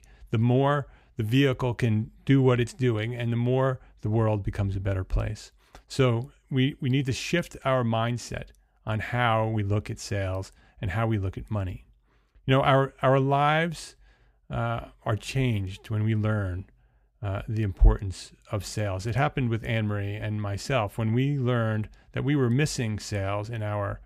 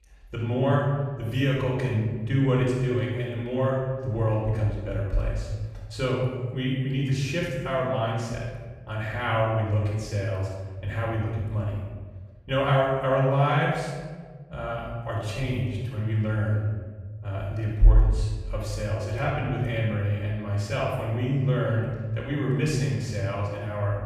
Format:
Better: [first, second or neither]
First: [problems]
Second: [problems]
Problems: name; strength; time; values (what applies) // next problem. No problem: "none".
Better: first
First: none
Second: off-mic speech; far // room echo; noticeable; dies away in 1.3 s